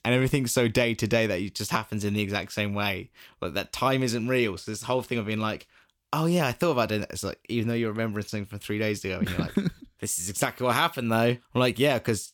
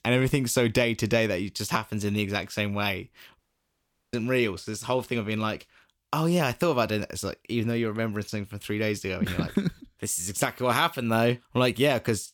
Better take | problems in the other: first | audio cutting out; at 3.5 s for 0.5 s

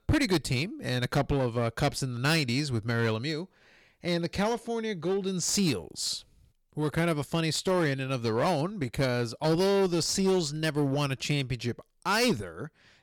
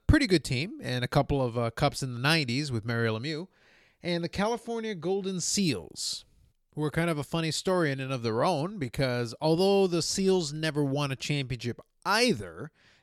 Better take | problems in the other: second | distortion; slight; 8% of the sound clipped

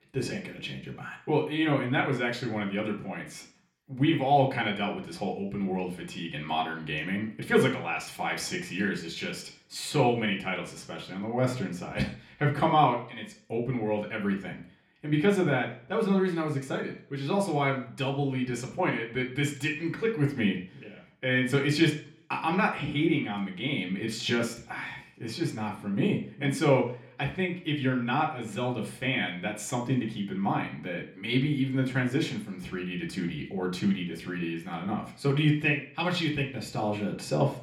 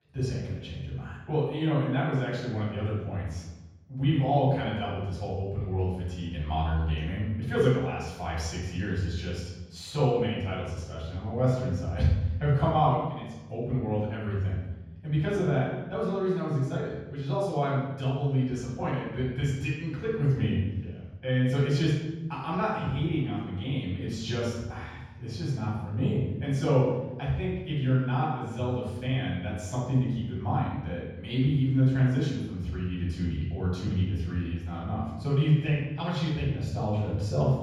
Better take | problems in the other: first | room echo; strong; dies away in 1.3 s; slight in the first // off-mic speech; far; far in the first

